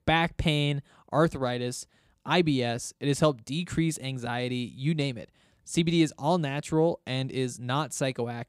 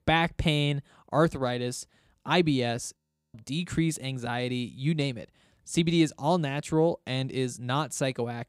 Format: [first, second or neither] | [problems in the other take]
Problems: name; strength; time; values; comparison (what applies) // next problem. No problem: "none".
first | audio freezing; at 3 s